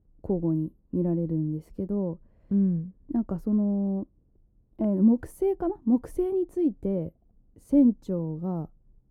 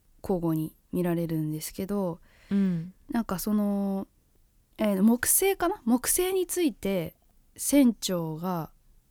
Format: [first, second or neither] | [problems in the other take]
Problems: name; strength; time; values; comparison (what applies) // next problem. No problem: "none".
second | muffled; very; fading above 1 kHz